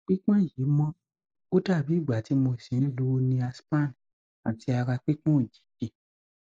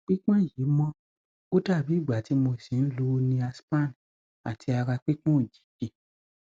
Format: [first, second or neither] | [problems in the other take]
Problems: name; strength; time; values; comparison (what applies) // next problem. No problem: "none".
second | noise reduction (neural mask model Resemble Enhance denoiser)